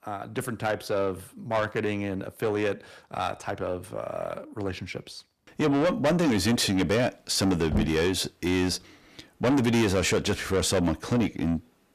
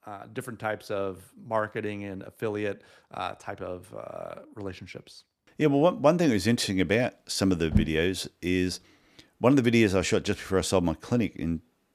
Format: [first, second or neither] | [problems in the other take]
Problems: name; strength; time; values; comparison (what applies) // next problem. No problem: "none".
second | distortion; heavy; 6 dB below the speech